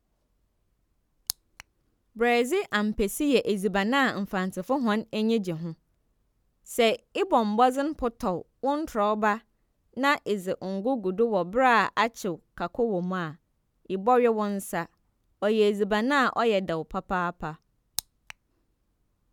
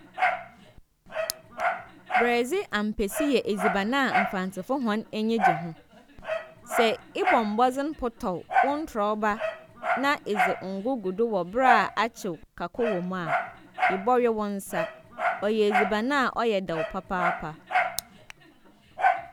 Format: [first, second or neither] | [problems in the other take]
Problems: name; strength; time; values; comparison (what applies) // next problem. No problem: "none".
first | background sound (Dog); 2 dB below the speech